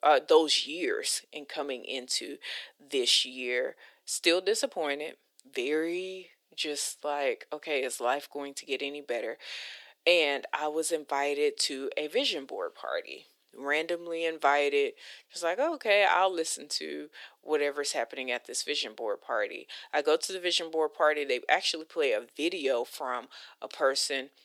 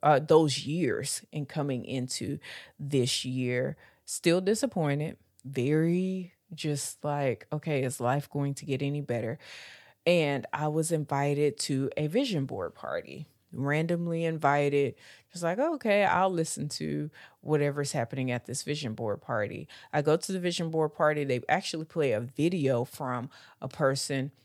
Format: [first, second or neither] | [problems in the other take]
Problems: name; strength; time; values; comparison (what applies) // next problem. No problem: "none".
second | thin; very; fading below 350 Hz